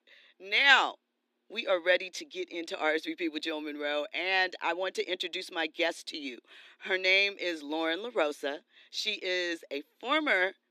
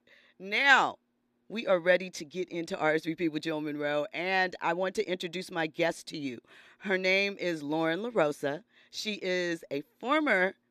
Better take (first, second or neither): second